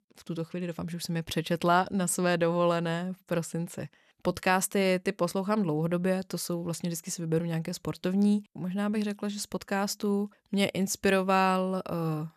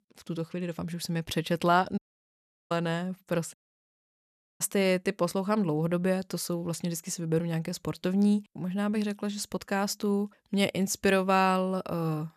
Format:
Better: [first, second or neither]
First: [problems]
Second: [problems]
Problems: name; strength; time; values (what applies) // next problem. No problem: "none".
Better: first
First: none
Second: audio cutting out; at 2 s for 0.5 s and at 3.5 s for 1 s